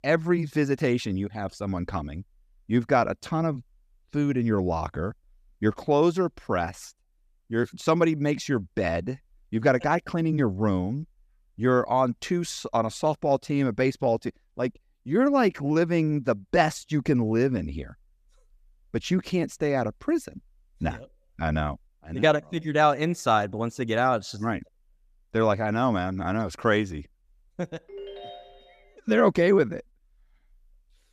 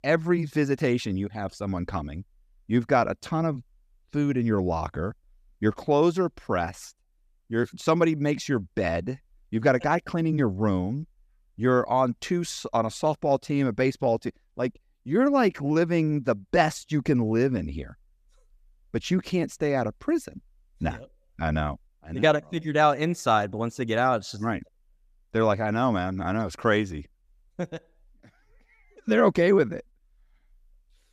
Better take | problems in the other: second | phone ringing; faint; at 28 s; peak 15 dB below the speech

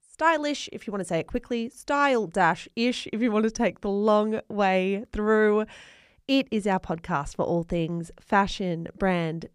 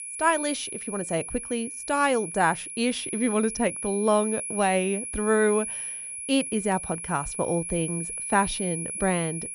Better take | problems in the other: first | high-pitched whine; loud; throughout; 10.5 kHz, 6 dB below the speech

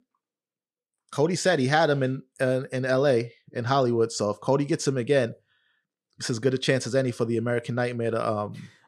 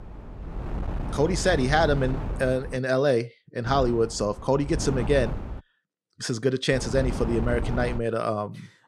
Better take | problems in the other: first | wind noise on the microphone; occasional gusts; until 3 s, from 3.5 to 5.5 s and from 6.5 to 8 s; 15 dB below the speech

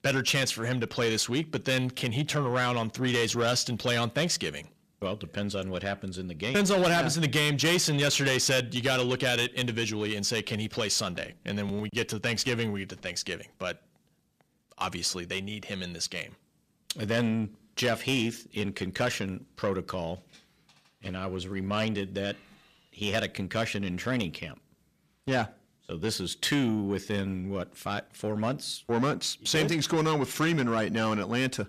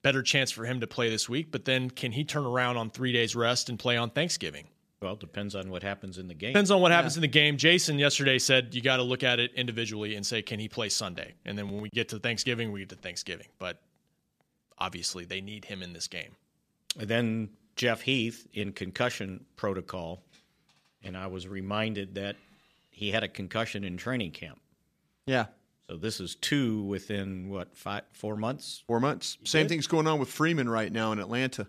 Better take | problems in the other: second | distortion; heavy; 7 dB below the speech

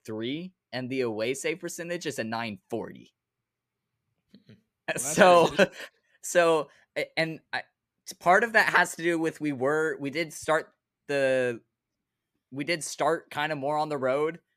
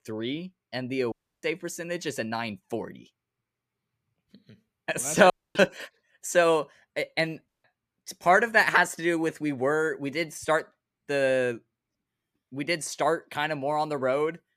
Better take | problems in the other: first | audio cutting out; at 1 s, at 5.5 s and at 7.5 s

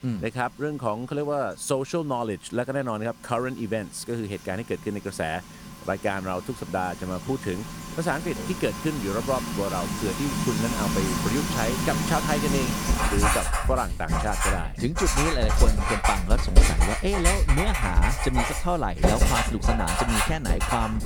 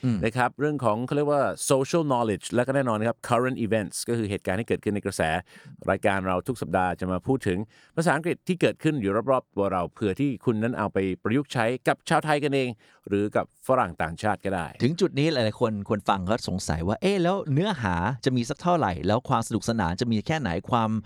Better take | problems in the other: second | household noises; very loud; throughout; 3 dB above the speech

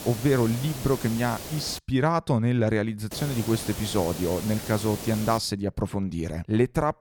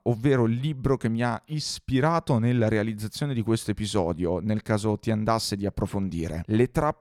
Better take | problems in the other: second | hiss; loud; until 2 s and from 3 to 5.5 s; 10 dB below the speech

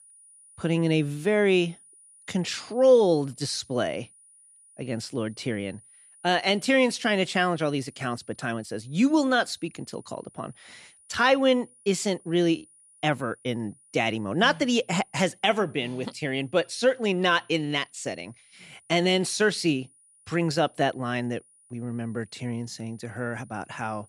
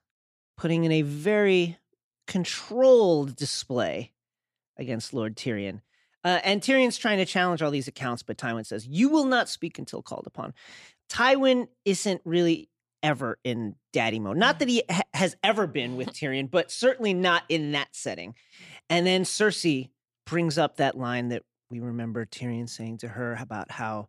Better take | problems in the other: second | high-pitched whine; faint; throughout; 9.5 kHz, 30 dB below the speech

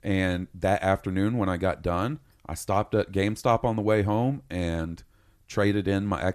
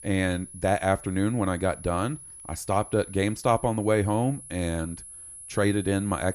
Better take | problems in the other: first | high-pitched whine; noticeable; throughout; 10.5 kHz, 15 dB below the speech

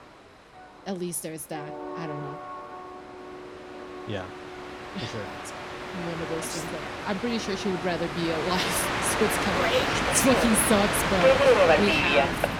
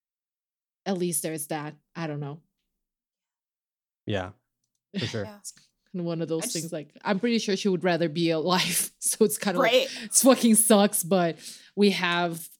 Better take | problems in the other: second | train or aircraft noise; very loud; throughout; 3 dB above the speech

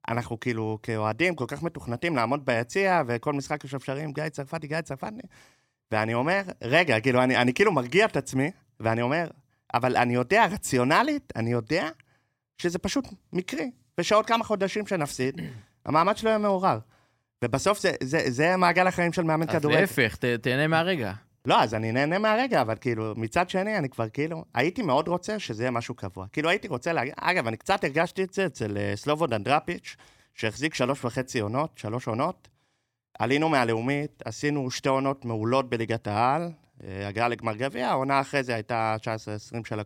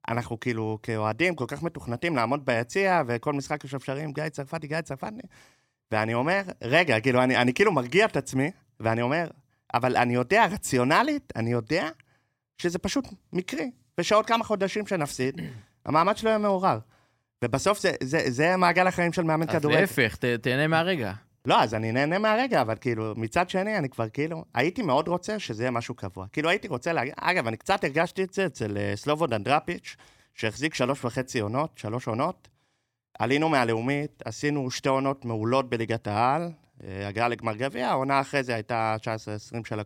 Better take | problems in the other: neither | none

